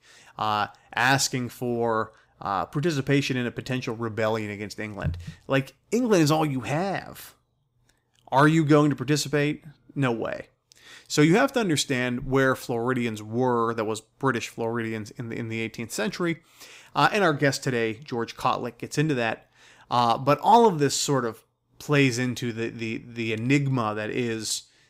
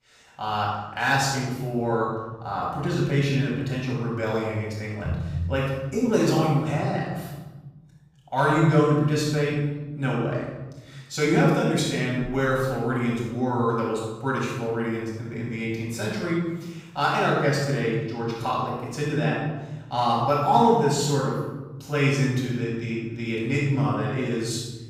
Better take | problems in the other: first | room echo; strong; dies away in 1.4 s // off-mic speech; far

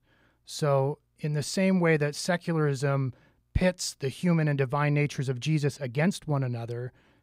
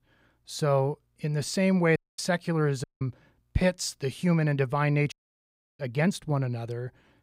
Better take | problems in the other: first | audio cutting out; at 2 s, at 3 s and at 5 s for 0.5 s

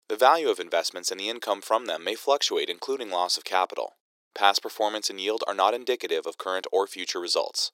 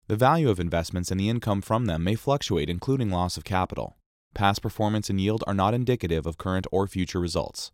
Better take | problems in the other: second | thin; very; fading below 400 Hz

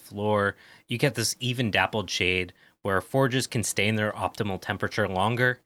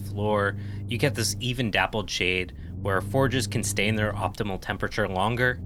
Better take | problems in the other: first | low rumble; faint; throughout; 20 dB below the speech

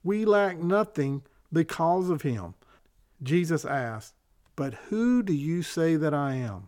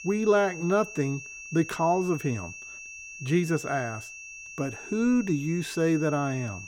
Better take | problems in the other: first | high-pitched whine; noticeable; throughout; 2.5 kHz, 15 dB below the speech

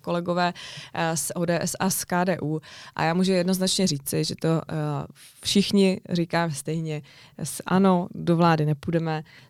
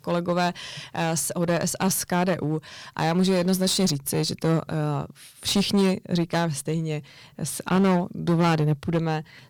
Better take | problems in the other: first | distortion; slight; 10% of the sound clipped

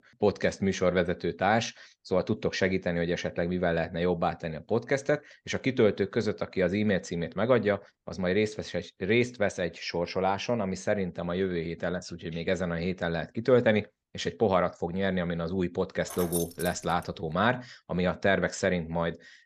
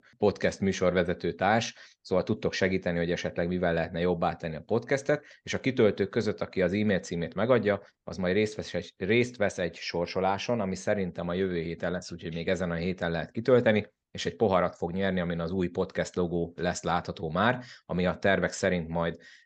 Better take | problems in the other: second | jangling keys; noticeable; at 16 s; peak 6 dB below the speech

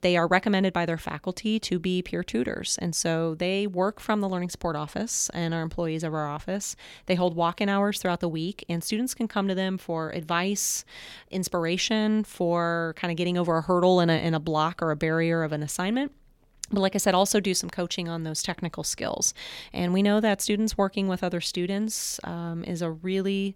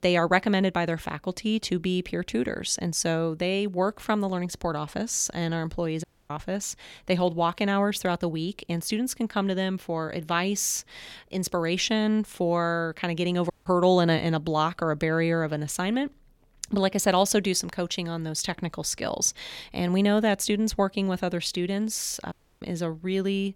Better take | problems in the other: first | audio cutting out; at 6 s, at 14 s and at 22 s

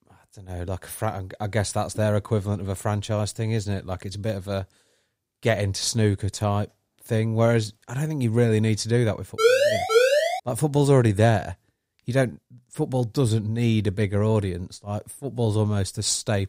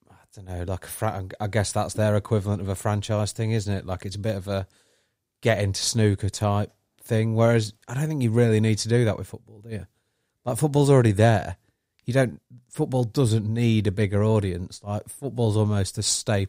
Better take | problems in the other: second | siren; loud; from 9.5 to 10 s; peak 6 dB above the speech

